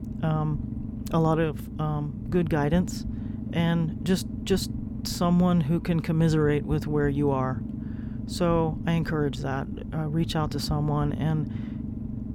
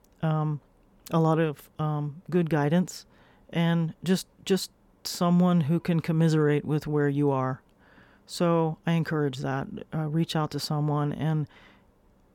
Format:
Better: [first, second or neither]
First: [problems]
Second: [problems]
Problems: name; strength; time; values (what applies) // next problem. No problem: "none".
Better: second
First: low rumble; noticeable; throughout; 10 dB below the speech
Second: none